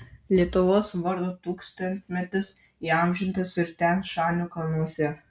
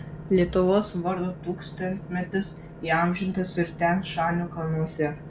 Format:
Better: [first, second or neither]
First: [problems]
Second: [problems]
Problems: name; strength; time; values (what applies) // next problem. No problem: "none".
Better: first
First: none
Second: background sound (Engine / Boat, Water vehicle); 14 dB below the speech